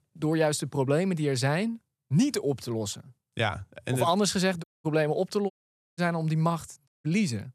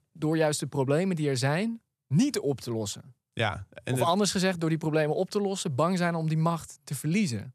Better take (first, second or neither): second